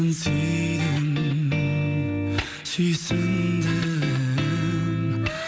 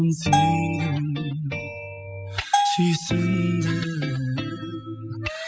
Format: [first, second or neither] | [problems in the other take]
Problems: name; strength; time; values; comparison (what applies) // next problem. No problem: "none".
first | noise reduction (classical method spectral subtraction)